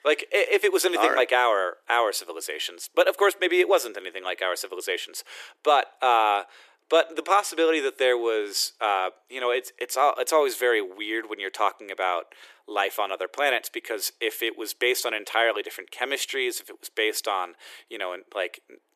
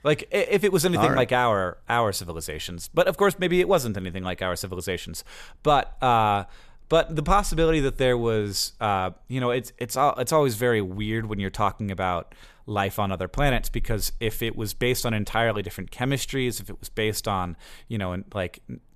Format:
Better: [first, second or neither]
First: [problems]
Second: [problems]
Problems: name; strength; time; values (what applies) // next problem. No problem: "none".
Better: second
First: thin; very; fading below 350 Hz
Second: none